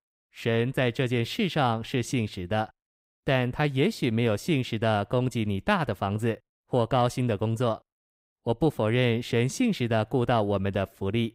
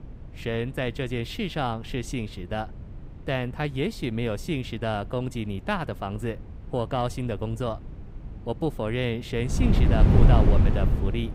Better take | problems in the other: first | wind noise on the microphone; heavy; 1 dB below the speech

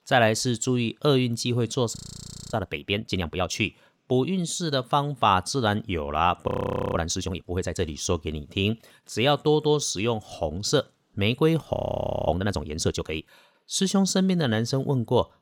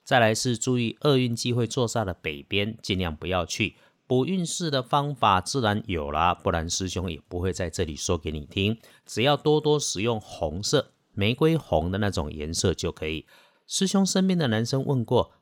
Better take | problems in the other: second | audio freezing; at 2 s for 0.5 s, at 6.5 s and at 12 s for 0.5 s

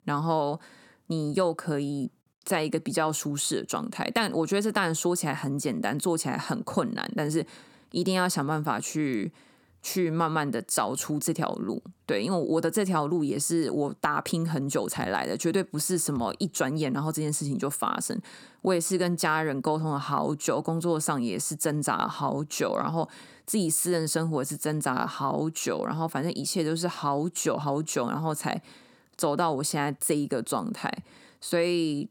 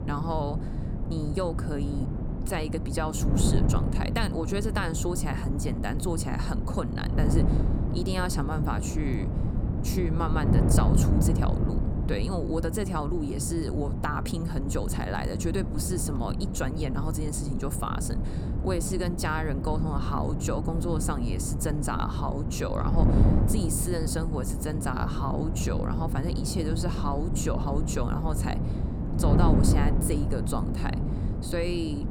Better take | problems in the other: first | wind noise on the microphone; heavy; 5 dB below the speech

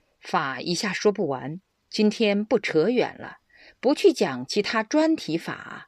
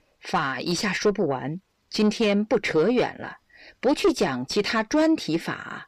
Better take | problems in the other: first | distortion; slight; 10 dB below the speech

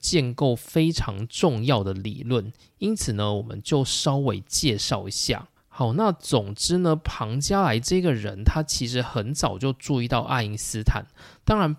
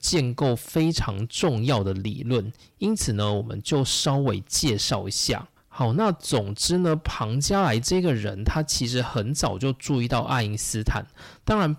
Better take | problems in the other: first | distortion; slight; 10 dB below the speech

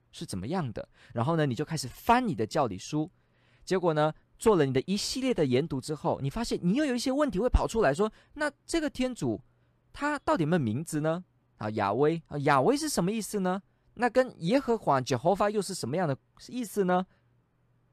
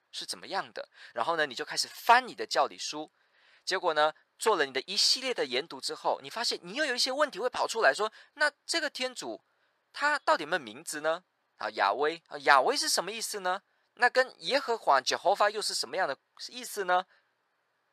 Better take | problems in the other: first | thin; very; fading below 700 Hz

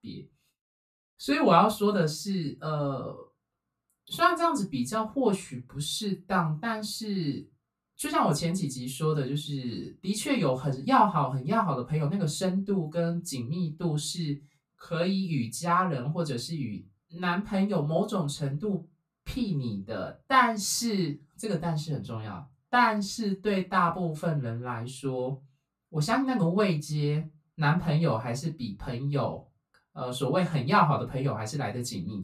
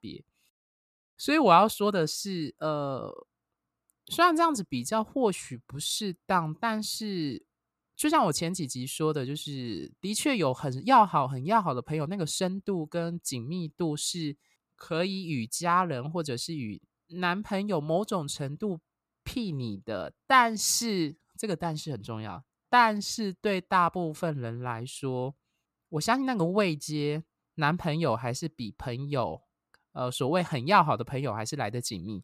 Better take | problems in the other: second | off-mic speech; far // room echo; very slight; dies away in 0.2 s

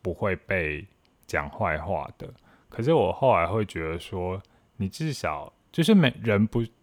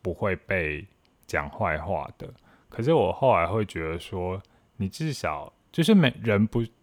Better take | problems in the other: neither | none

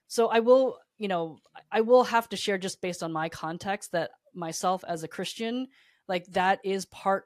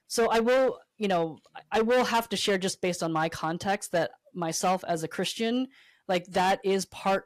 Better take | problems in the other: first | distortion; heavy; 9% of the sound clipped

